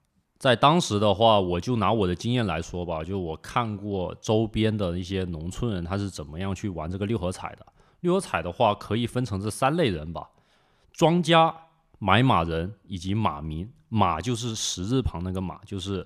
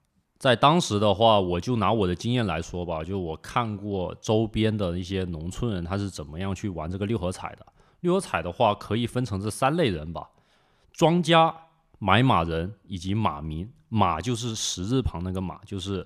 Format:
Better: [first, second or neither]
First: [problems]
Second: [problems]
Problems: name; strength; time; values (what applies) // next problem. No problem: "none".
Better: neither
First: none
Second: none